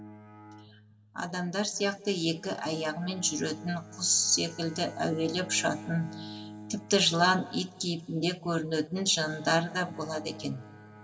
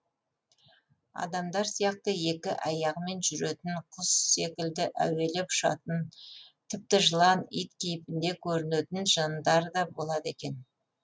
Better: second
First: background sound (Bowed string instrument); 17 dB below the speech // room echo; dies away in 1.4 s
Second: none

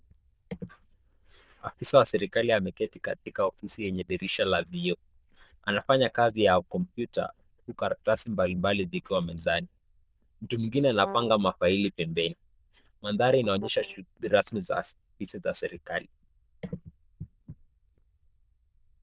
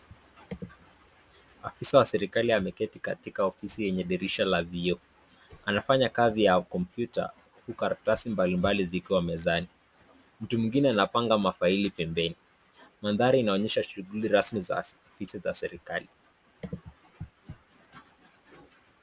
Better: second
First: noise reduction (neural diffusion model UNIVERSE++)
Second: none

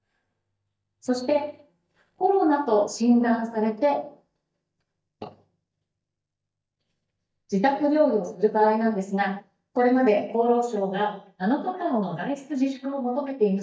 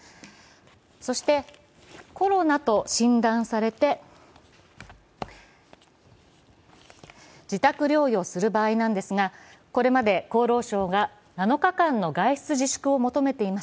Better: second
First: noise reduction (neural mask model DeepFilterNet 3)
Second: none

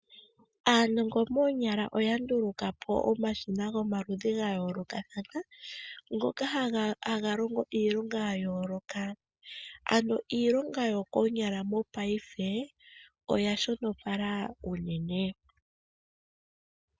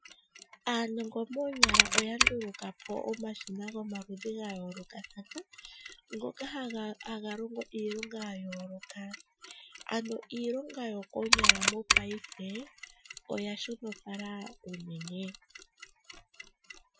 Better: first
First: none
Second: noise reduction (classical method Wiener filter)

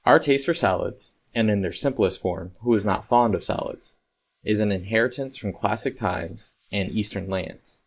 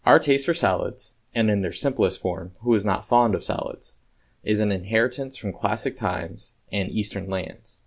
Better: second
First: noise reduction (neural mask model Resemble Enhance denoiser)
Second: none

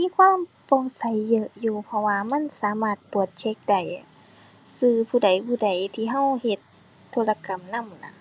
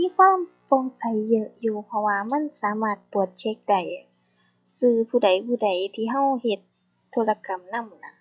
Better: first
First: none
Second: noise reduction (classical method log-MMSE)

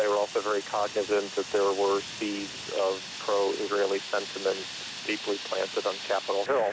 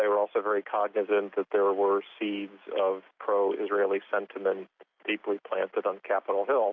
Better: second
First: background sound (Fire); 10 dB below the speech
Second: none

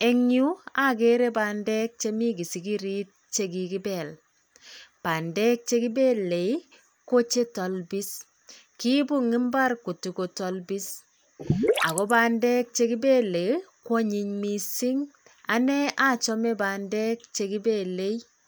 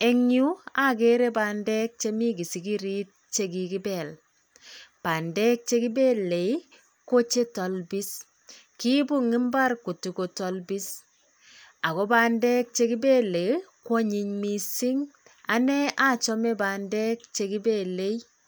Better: second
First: background sound (Gurgling / Liquid); as loud as the speech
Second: none

